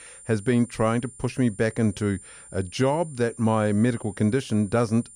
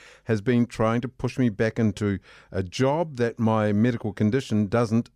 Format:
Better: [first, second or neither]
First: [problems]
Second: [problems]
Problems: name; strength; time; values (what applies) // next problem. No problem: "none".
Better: second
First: high-pitched whine; noticeable; throughout; 9 kHz, 20 dB below the speech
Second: none